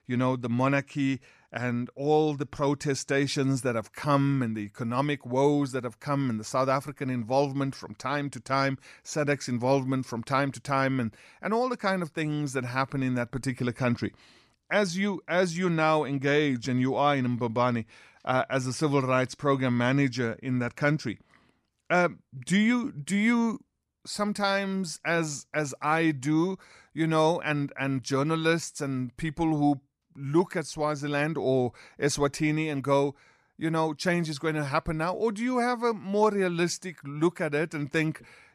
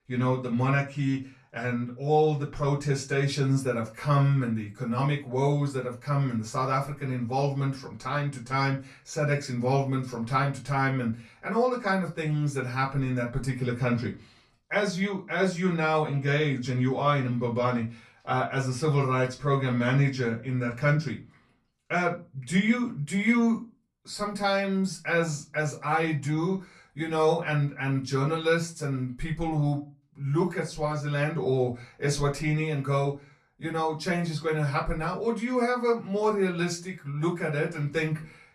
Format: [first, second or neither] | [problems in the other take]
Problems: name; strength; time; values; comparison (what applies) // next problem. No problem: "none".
first | off-mic speech; far // room echo; very slight; dies away in 0.2 s